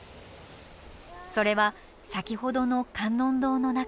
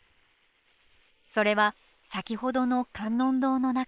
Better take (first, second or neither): first